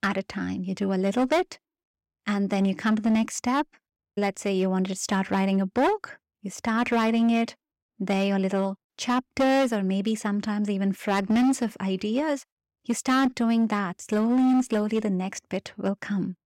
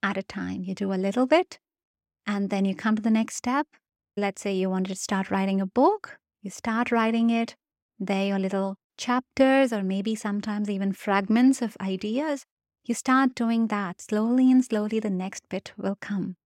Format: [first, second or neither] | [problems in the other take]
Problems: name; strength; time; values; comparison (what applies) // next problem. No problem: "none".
second | distortion; slight; 7% of the sound clipped